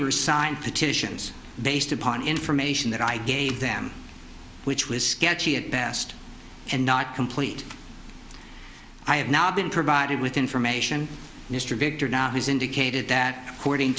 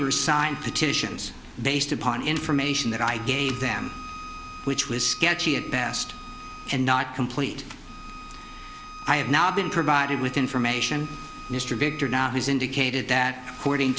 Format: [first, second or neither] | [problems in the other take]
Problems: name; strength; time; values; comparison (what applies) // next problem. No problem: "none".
first | background sound (Bowed string instrument); 16 dB below the speech